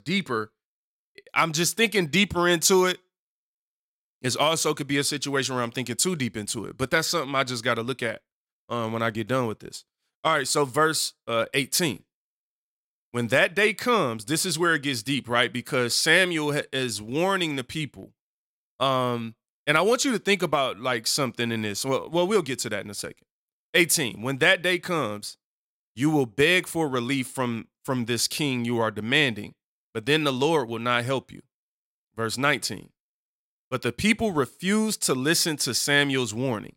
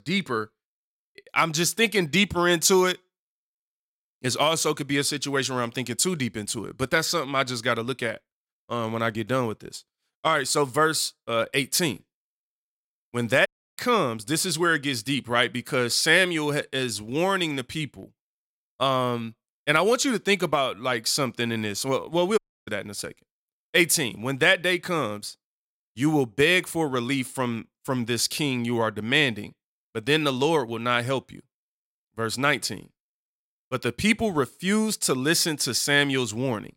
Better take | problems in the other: first | audio cutting out; at 13 s and at 22 s

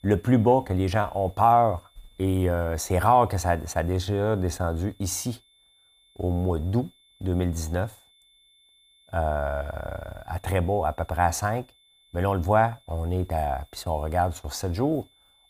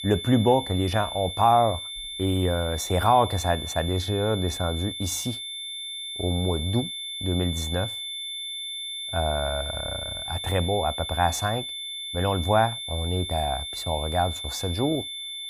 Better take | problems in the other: first | high-pitched whine; loud; throughout; 3.5 kHz, 6 dB below the speech; faint in the first

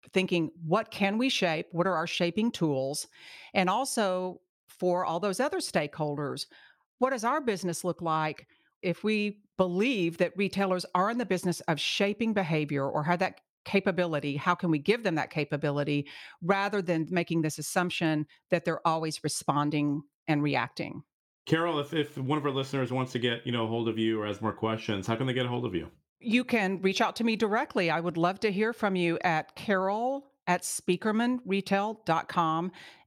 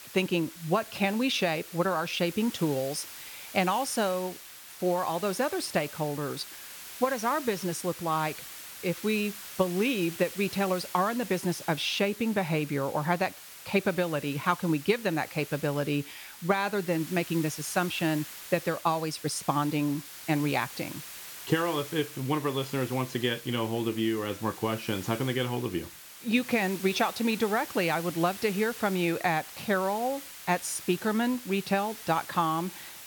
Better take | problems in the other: first | hiss; noticeable; throughout; 10 dB below the speech

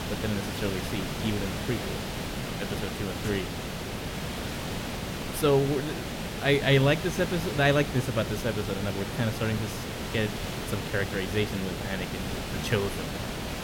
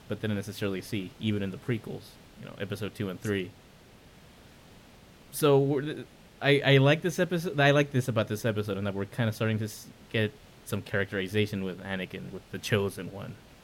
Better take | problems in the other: second | hiss; loud; throughout; 5 dB below the speech; faint in the second

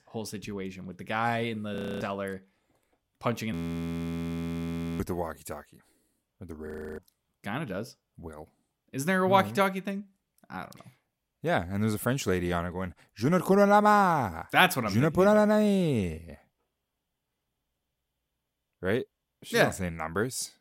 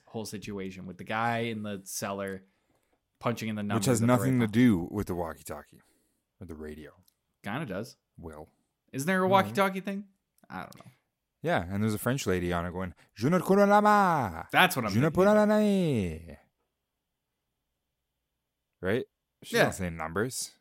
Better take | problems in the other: second | audio freezing; at 2 s, at 3.5 s for 1.5 s and at 6.5 s

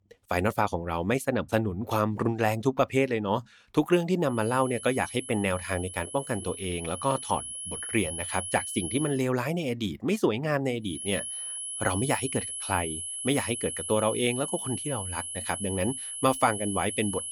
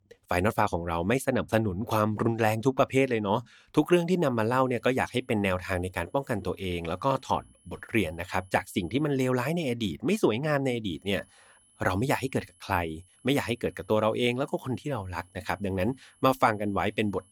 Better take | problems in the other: second | high-pitched whine; loud; from 4.5 to 9 s and from 11 s on; 10.5 kHz, 6 dB below the speech; faint in the second

